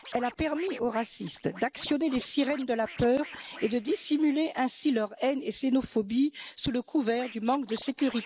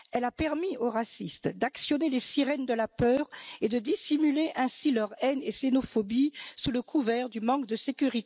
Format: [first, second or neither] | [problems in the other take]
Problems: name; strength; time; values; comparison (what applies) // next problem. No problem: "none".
second | background sound (Scratching (performance technique)); 20 dB below the speech